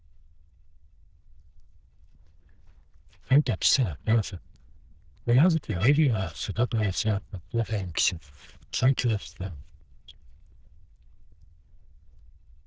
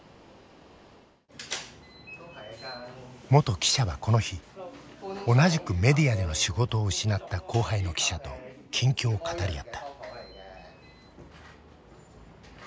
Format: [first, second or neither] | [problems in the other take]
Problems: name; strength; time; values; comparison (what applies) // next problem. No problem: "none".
second | noise reduction (neural diffusion model UNIVERSE++)